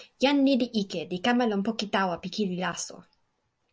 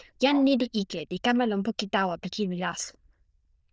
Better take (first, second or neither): first